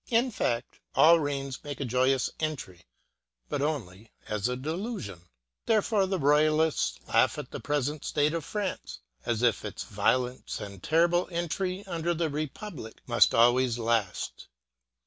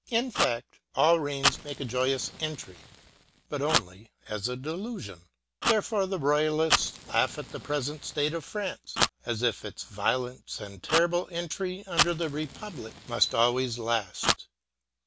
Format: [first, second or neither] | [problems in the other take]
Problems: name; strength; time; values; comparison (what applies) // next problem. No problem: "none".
first | background sound (Fire); 5 dB below the speech